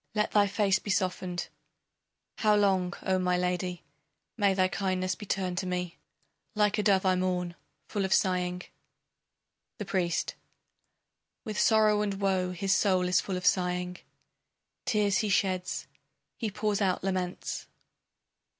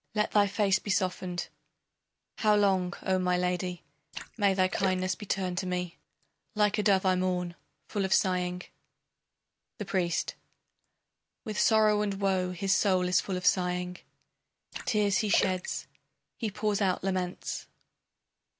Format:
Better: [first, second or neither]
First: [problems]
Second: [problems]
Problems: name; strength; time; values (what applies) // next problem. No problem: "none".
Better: first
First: none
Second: background sound (Splash, splatter); 11 dB below the speech